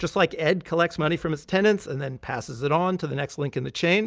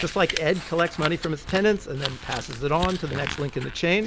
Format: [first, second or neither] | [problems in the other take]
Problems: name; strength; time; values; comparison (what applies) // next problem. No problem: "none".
first | background sound (Crumpling, crinkling); 9 dB below the speech